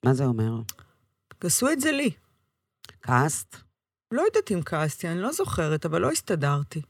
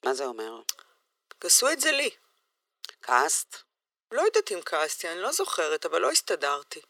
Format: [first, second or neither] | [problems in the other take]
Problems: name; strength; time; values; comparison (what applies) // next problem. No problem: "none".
first | thin; very; fading below 400 Hz